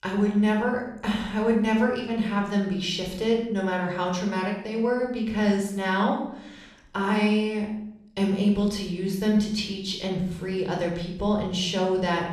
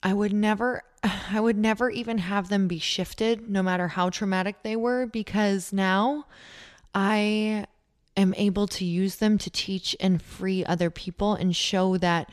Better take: second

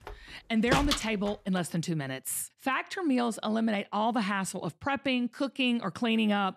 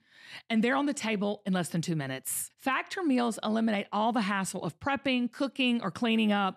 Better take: second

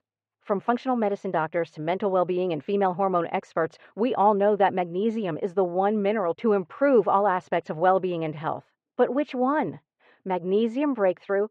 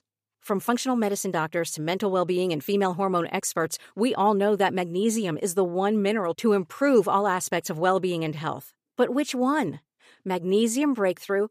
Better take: second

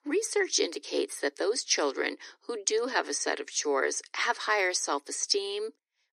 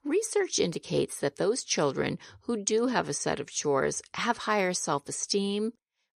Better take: second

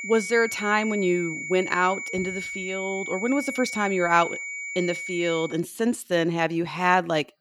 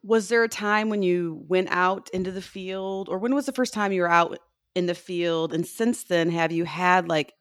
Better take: second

